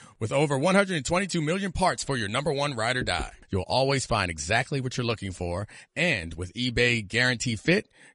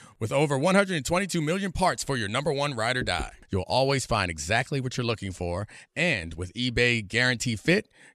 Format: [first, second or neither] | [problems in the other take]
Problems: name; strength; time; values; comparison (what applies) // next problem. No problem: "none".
second | garbled, watery; slightly; nothing above 10 kHz